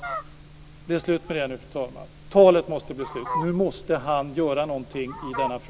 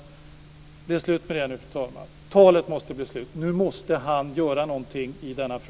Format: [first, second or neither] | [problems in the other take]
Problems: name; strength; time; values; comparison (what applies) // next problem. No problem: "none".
second | background sound (Fowl); 12 dB below the speech